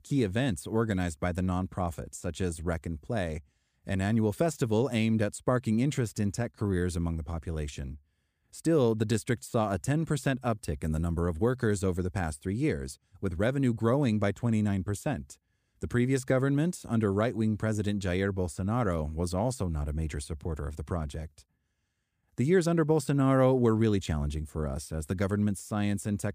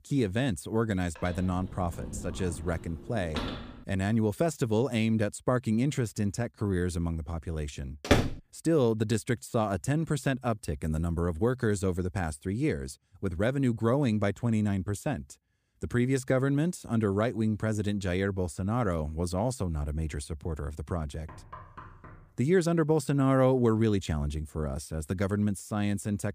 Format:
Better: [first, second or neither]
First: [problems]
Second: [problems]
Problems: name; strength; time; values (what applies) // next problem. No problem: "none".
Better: first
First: none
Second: door banging; noticeable; from 1 to 4 s; peak 6 dB below the speech // door banging; loud; at 8 s; peak 3 dB above the speech // door banging; faint; from 21 to 22 s; peak 15 dB below the speech